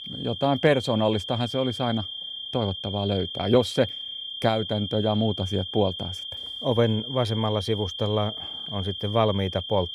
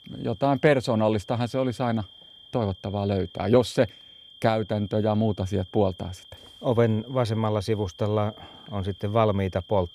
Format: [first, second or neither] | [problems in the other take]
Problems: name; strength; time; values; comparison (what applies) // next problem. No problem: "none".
second | high-pitched whine; loud; throughout; 3 kHz, 7 dB below the speech; faint in the second